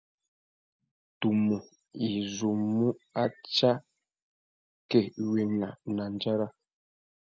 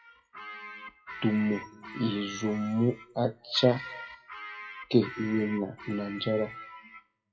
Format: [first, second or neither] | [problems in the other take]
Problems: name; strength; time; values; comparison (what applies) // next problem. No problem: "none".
first | noise reduction (classical method WPE with log-MMSE)